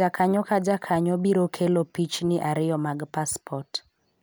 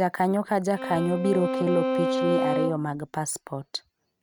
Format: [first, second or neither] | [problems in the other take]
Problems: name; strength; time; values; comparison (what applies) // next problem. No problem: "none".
first | noise reduction (neural mask model RNNoise)